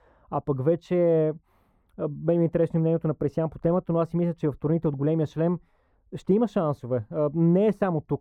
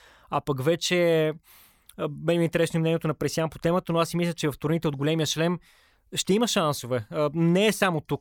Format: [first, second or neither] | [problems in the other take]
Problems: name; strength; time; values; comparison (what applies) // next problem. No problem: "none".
second | muffled; very; fading above 2 kHz